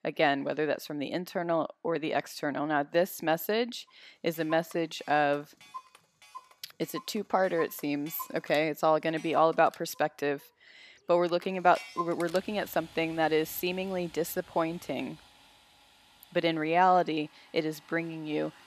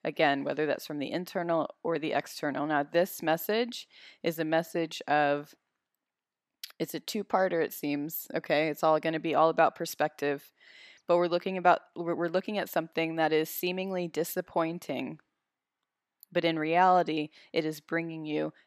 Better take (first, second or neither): second